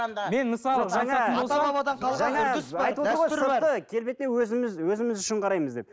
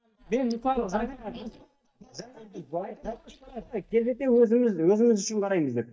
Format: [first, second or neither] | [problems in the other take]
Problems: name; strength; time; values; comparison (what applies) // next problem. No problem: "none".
first | noise reduction (neural mask model DeepFilterNet 3)